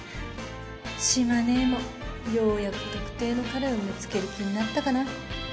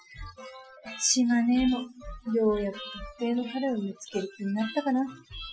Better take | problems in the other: first | noise reduction (classical method Wiener filter)

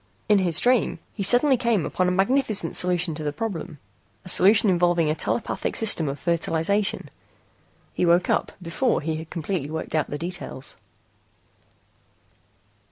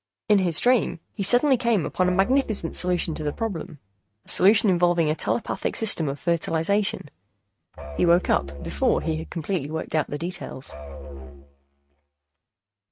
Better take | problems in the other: first | noise reduction (neural mask model RNNoise)

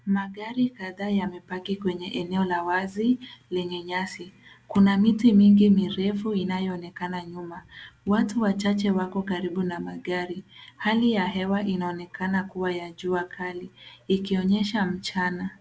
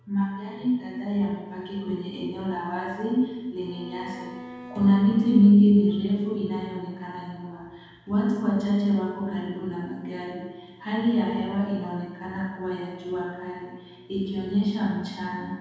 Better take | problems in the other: first | background sound (Bowed string instrument); 16 dB below the speech // room echo; dies away in 1.2 s

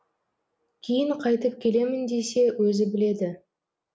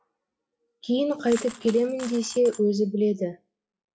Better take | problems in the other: first | noise reduction (classical method WPE with log-MMSE)

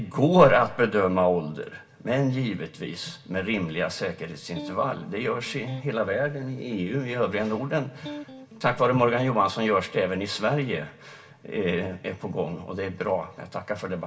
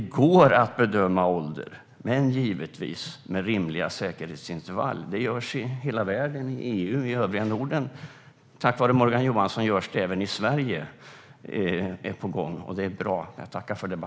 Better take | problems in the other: second | background sound (Electric guitar); 17 dB below the speech // room echo; dies away in 0.1 s

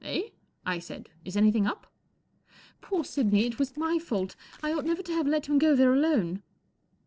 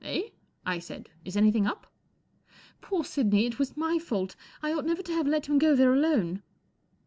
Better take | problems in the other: second | noise reduction (neural separator model SepFormer DNS4)

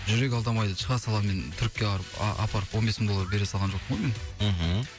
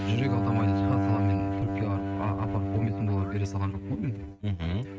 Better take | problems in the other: first | noise reduction (neural mask model RNNoise)

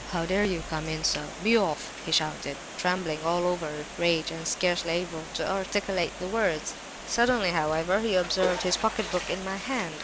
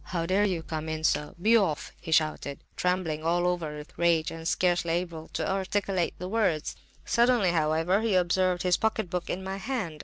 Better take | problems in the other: second | background sound (Bathtub (filling or washing) + Water); 10 dB below the speech

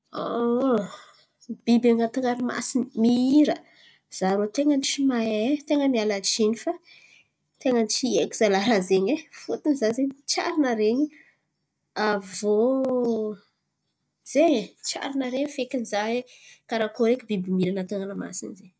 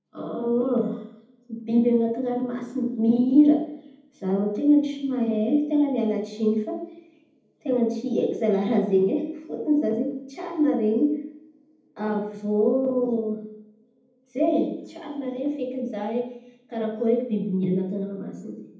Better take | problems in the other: first | room echo; dies away in 0.8 s

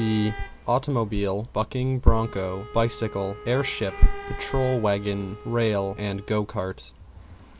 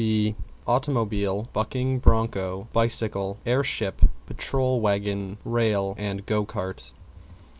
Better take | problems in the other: second | background sound (Traffic noise, roadway noise / Vehicle horn, car horn, honking + Wind instrument, woodwind instrument); 18 dB below the speech

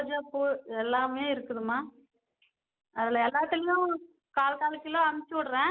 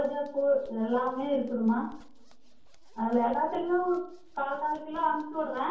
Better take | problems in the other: first | background sound (Zipper (clothing)); 20 dB below the speech // room echo; dies away in 0.6 s

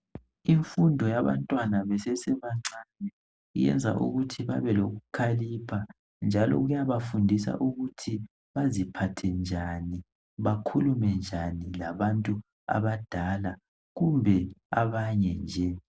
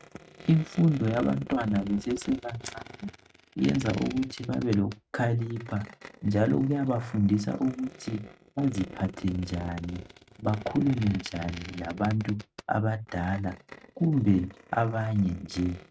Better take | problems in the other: first | noise reduction (neural mask model RNNoise)

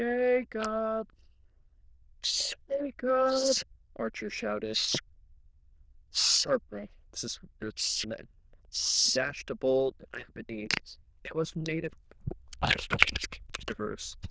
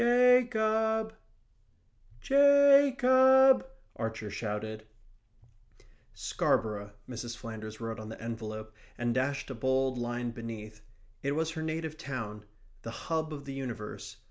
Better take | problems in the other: second | noise reduction (neural diffusion model UNIVERSE++)

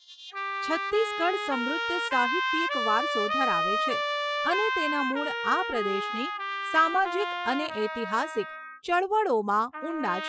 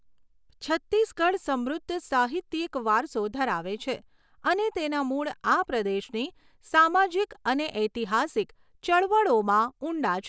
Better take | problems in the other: second | noise reduction (classical method Wiener filter)

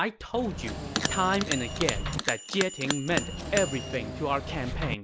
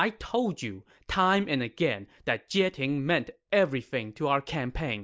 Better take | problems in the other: second | background sound (Bell + Engine / Mechanisms); 3 dB below the speech

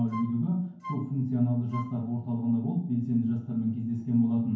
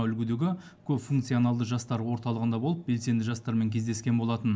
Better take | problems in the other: second | background sound (Wind instrument, woodwind instrument); 15 dB below the speech // room echo; dies away in 0.9 s

